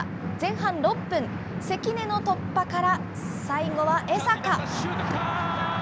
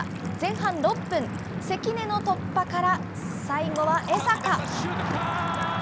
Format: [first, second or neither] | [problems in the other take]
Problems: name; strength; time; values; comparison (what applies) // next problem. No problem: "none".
first | background sound (Liquid); 17 dB below the speech